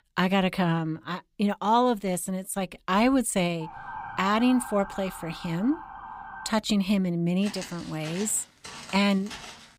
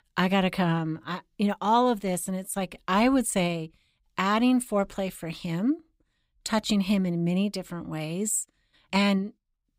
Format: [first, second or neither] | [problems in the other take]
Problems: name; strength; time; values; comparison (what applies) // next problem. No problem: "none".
second | siren; faint; from 3.5 to 6.5 s; peak 10 dB below the speech // footsteps; faint; from 7.5 s on; peak 15 dB below the speech